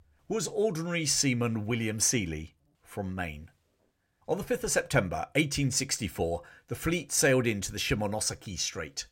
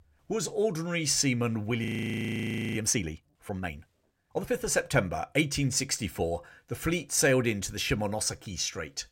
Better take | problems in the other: first | audio freezing; at 2 s for 1 s

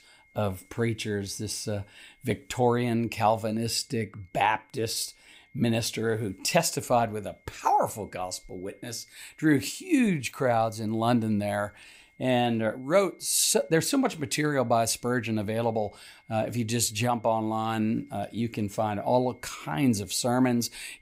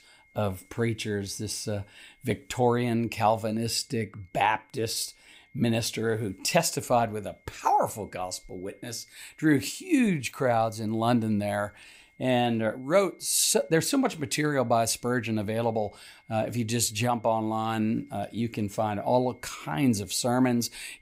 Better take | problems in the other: neither | high-pitched whine; faint; throughout; 2 kHz, 35 dB below the speech; the same in both

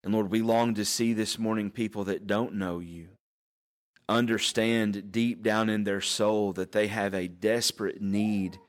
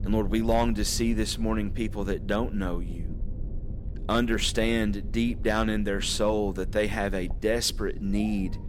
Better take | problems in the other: first | low rumble; faint; throughout; 20 dB below the speech

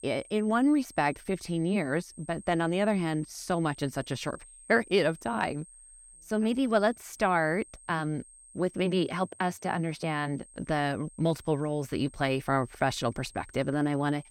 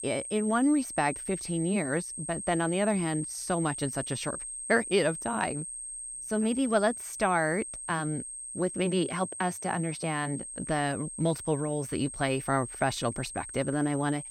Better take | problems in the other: first | high-pitched whine; loud; throughout; 8.5 kHz, 7 dB below the speech; faint in the first

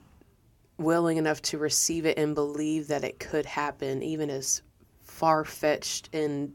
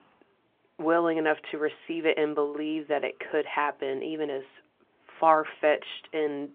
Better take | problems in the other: first | phone-call audio

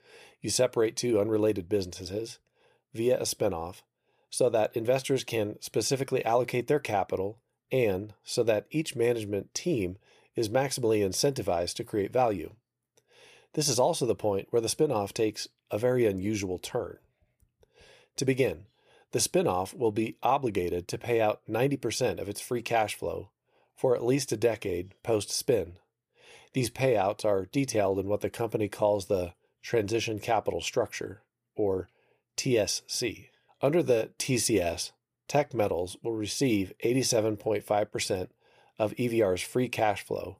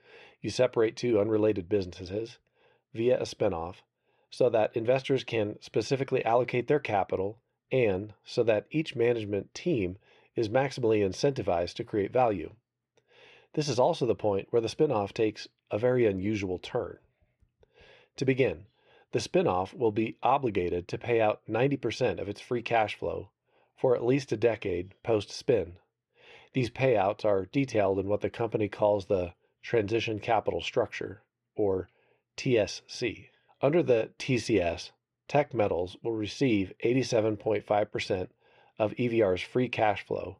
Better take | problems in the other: first | muffled; slightly; fading above 3 kHz

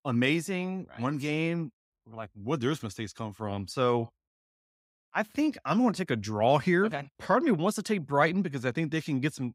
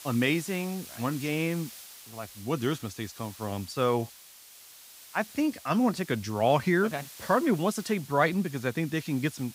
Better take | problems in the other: first | hiss; noticeable; throughout; 15 dB below the speech

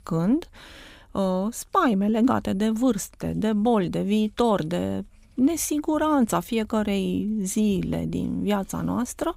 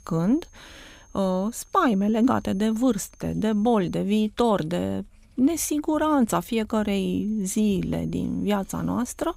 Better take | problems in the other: first | high-pitched whine; faint; until 4 s and from 6.5 s on; 6.5 kHz, 35 dB below the speech

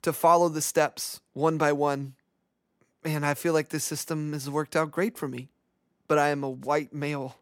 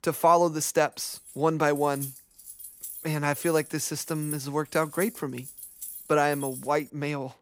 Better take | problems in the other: first | jangling keys; noticeable; from 1 to 7 s; peak 10 dB below the speech

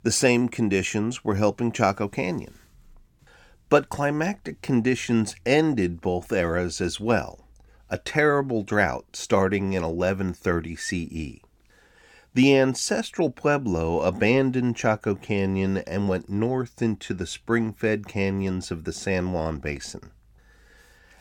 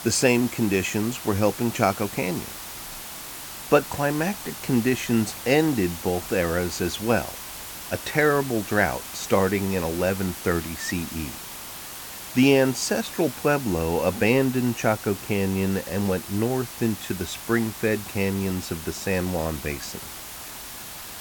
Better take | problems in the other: first | hiss; noticeable; throughout; 10 dB below the speech

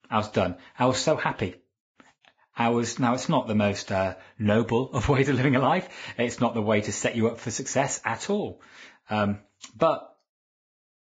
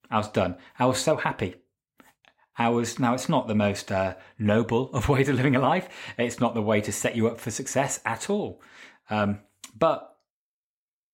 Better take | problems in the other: second | garbled, watery; badly; nothing above 7.5 kHz

